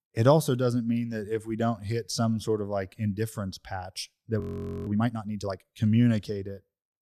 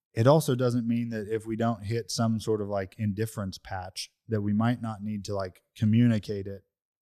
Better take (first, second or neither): second